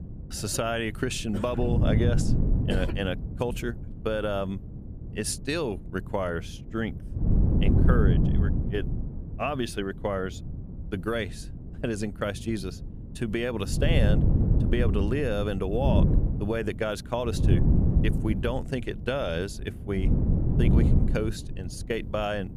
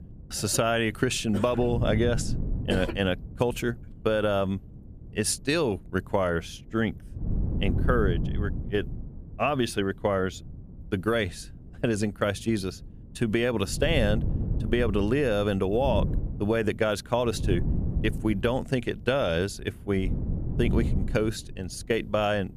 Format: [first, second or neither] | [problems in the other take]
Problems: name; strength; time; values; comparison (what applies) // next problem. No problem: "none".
second | wind noise on the microphone; heavy; 5 dB below the speech; occasional gusts in the second